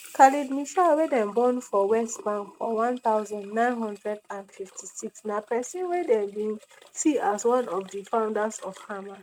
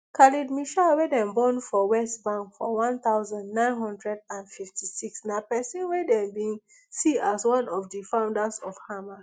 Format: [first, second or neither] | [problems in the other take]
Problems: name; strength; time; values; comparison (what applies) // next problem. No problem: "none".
second | noise reduction (neural mask model RNNoise)